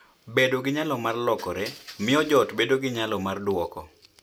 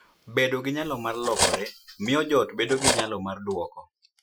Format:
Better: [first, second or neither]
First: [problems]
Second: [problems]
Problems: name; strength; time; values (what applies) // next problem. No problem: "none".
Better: first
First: none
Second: noise reduction (classical method Wiener filter)